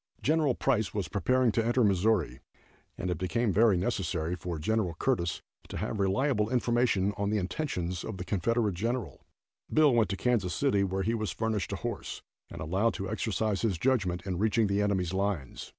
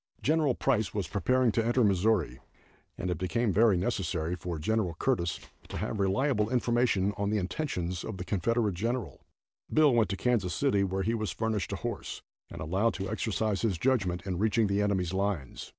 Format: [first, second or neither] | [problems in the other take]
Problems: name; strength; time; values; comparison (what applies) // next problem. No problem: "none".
first | noise reduction (neural separator model SepFormer DNS4)